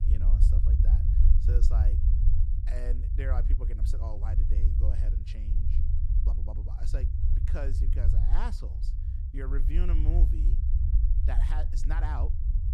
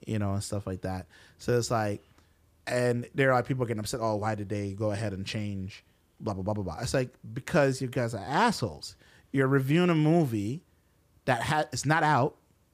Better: second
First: low rumble; loud; throughout; 3 dB below the speech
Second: none

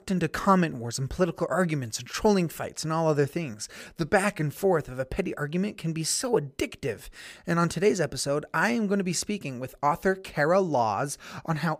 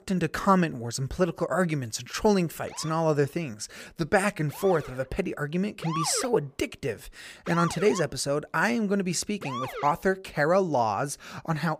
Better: first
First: none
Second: siren; noticeable; from 2.5 to 10 s; peak 5 dB below the speech

